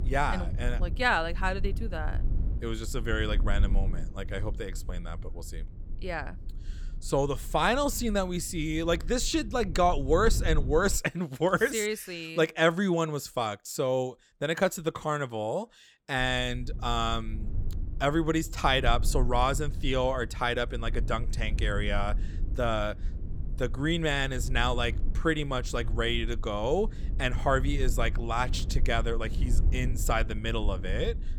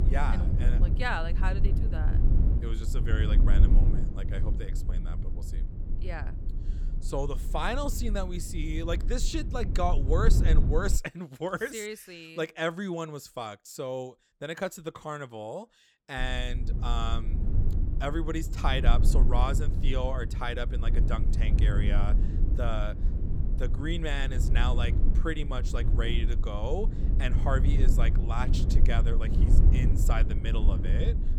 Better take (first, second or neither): first